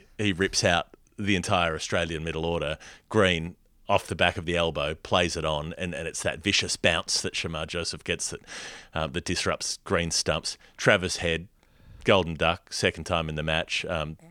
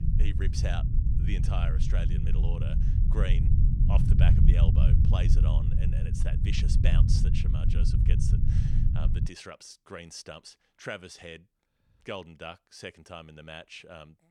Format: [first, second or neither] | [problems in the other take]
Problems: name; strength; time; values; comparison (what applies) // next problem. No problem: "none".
first | low rumble; loud; until 9.5 s; 1 dB below the speech